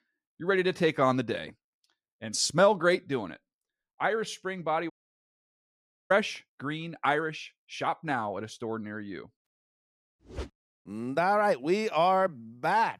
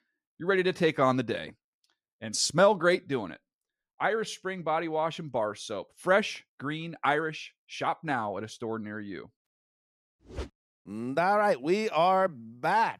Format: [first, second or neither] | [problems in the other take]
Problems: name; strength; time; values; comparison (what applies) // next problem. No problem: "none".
second | audio cutting out; at 5 s for 1 s